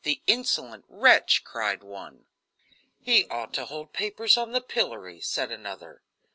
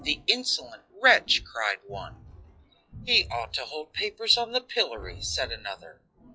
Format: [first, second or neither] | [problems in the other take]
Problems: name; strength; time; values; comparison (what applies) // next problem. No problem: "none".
first | noise reduction (classical method log-MMSE)